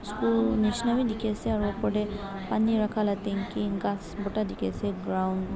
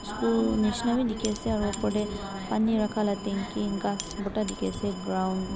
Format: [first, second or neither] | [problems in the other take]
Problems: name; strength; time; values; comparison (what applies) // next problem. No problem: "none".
first | background sound (Alarm + Shatter / Crushing); 16 dB below the speech